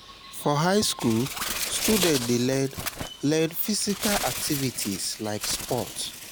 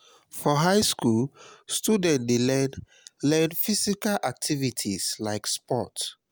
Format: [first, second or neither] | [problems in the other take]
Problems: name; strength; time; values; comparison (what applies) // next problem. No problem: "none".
second | background sound (Bird); 7 dB below the speech